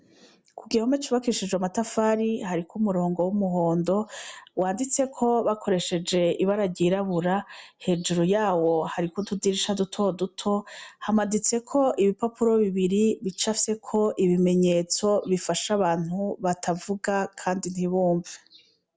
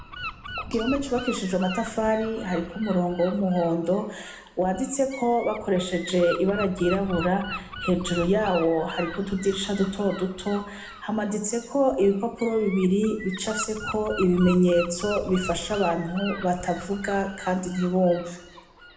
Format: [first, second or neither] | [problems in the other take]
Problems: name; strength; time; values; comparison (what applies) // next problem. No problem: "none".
first | background sound (Gull, seagull / Wind); 13 dB below the speech // room echo; dies away in 0.8 s